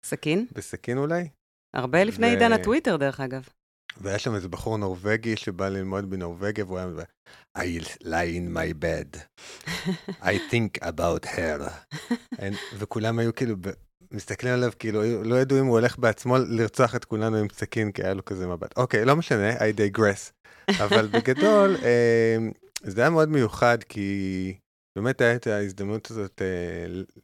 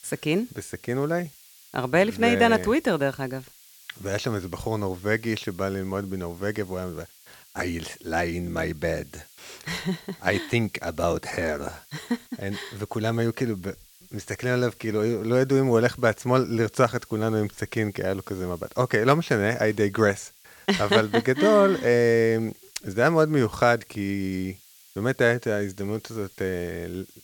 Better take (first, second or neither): first